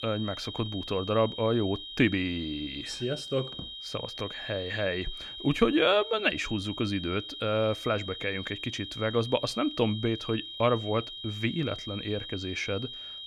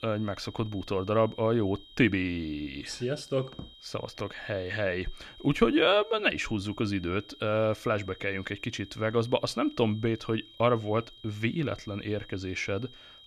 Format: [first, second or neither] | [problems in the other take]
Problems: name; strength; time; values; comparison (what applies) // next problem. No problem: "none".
second | high-pitched whine; loud; throughout; 3 kHz, 9 dB below the speech; faint in the second